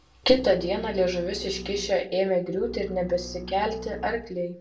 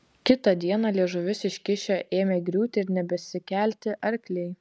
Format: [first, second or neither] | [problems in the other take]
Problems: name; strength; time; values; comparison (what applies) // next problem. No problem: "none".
second | background sound (Bowed string instrument); 15 dB below the speech // room echo; dies away in 0.3 s